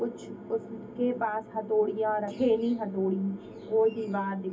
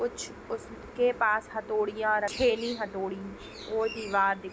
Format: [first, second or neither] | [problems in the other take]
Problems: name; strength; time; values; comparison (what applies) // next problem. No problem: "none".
second | room echo; dies away in 0.3 s